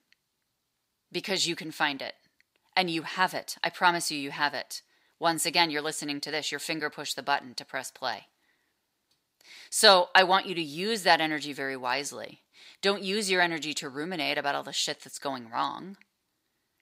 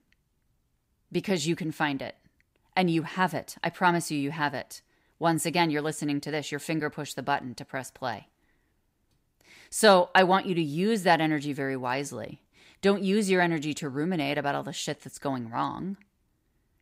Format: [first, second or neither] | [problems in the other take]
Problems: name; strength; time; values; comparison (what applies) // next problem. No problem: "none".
second | thin; somewhat; fading below 700 Hz